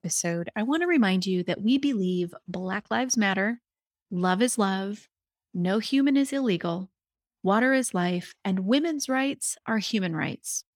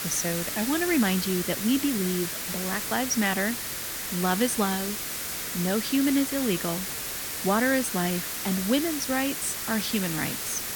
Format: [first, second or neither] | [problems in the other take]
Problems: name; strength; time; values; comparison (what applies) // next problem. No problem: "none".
first | hiss; loud; throughout; 3 dB below the speech